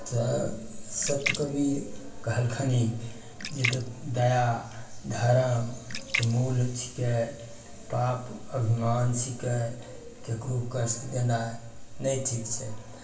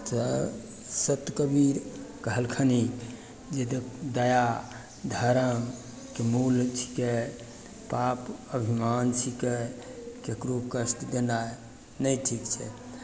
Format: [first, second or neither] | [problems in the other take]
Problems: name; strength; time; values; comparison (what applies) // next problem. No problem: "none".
second | background sound (Splash, splatter); 10 dB below the speech // room echo; dies away in 0.3 s